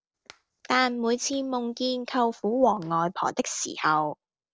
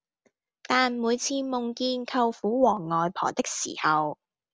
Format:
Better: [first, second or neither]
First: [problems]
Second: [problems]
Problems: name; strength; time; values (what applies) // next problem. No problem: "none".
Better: second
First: noise reduction (neural separator model SepFormer DNS4)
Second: none